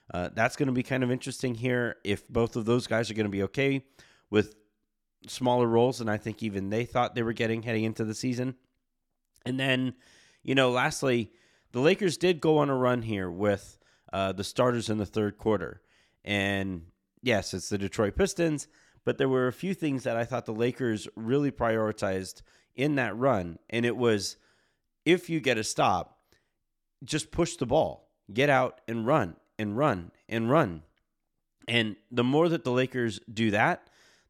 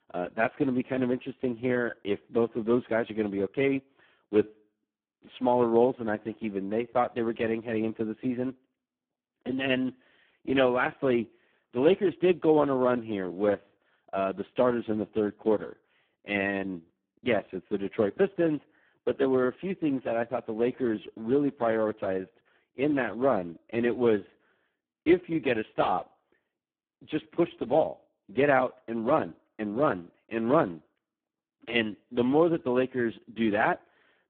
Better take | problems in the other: first | phone-call audio; poor line

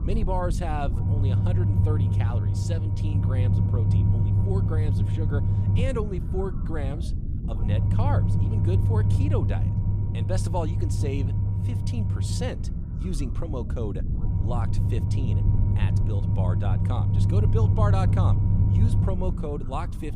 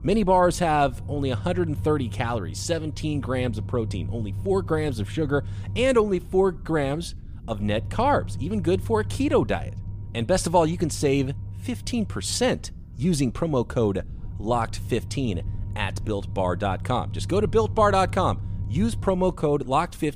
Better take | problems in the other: second | low rumble; loud; throughout; 2 dB below the speech; faint in the second

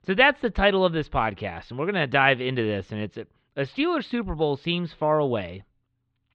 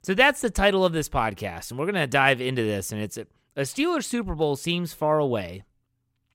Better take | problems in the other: second | muffled; slightly; fading above 4 kHz

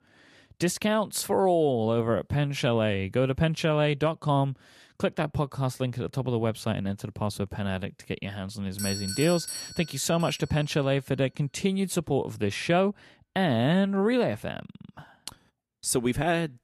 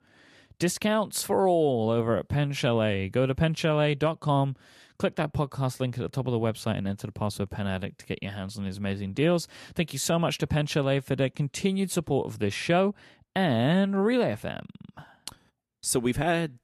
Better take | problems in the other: second | doorbell; noticeable; from 9 to 10 s; peak 4 dB below the speech

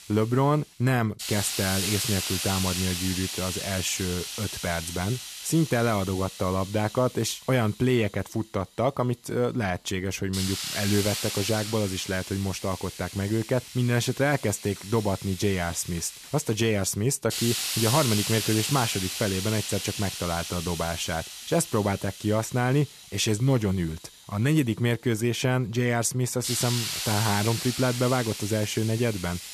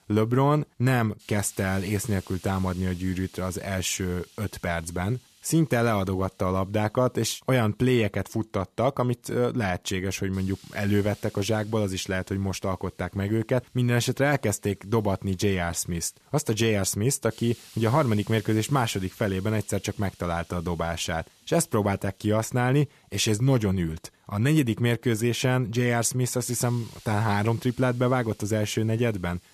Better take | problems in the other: second | hiss; loud; throughout; 5 dB below the speech; faint in the second

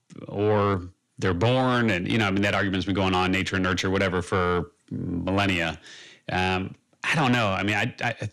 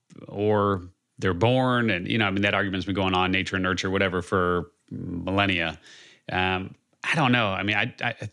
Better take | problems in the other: second | distortion; slight; 10 dB below the speech

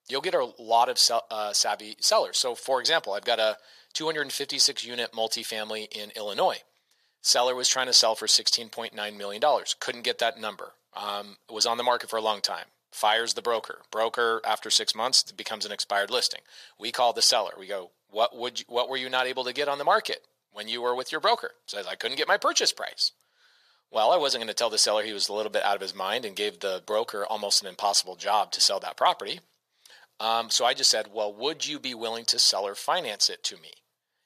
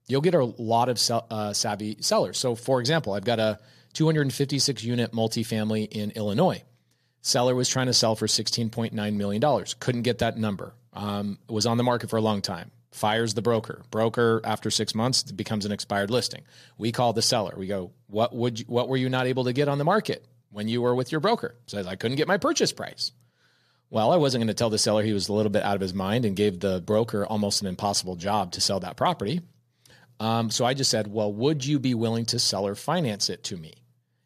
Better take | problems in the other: second | thin; very; fading below 750 Hz

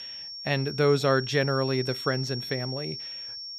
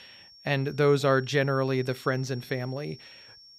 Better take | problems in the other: second | high-pitched whine; loud; throughout; 5.5 kHz, 8 dB below the speech; faint in the second

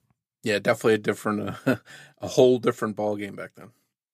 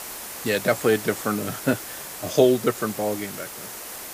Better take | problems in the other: first | hiss; loud; throughout; 10 dB below the speech

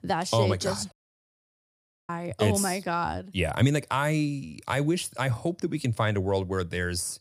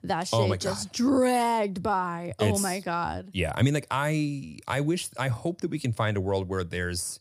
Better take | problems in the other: second | audio cutting out; at 1 s for 1 s

